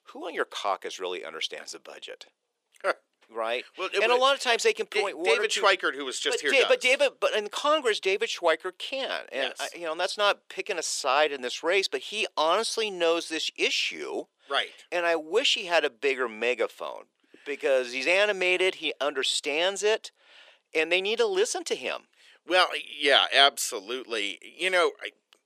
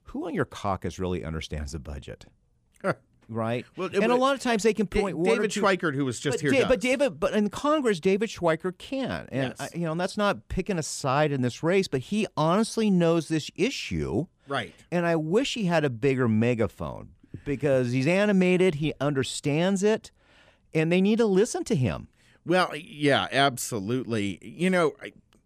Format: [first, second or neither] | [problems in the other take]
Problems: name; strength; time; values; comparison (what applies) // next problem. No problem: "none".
second | thin; very; fading below 400 Hz